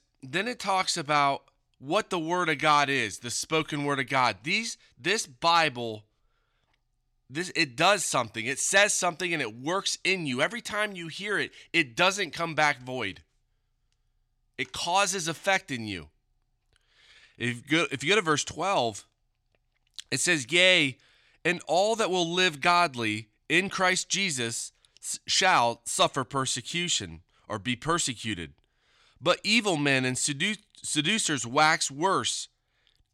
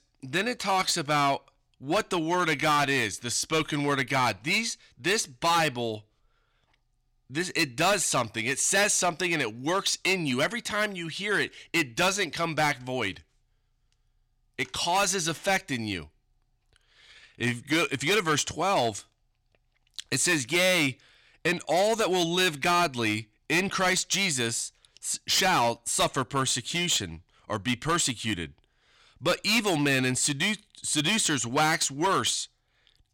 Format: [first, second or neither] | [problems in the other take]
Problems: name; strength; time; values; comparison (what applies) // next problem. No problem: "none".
first | distortion; heavy; 7% of the sound clipped